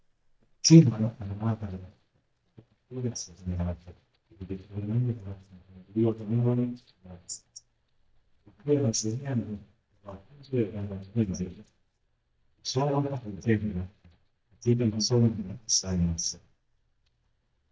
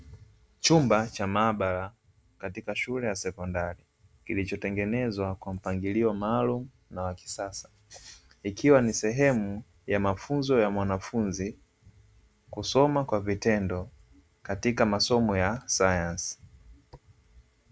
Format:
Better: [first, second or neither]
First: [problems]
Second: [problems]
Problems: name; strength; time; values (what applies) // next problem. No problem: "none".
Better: second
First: noise reduction (neural mask model DeepFilterNet 3)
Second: none